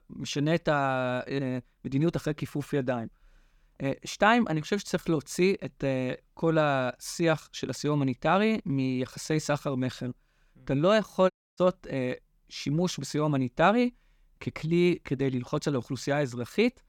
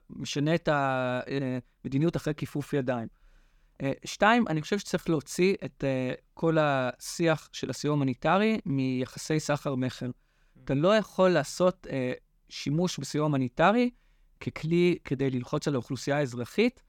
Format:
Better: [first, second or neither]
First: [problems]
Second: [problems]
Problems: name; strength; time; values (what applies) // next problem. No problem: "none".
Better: second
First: audio cutting out; at 11 s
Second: none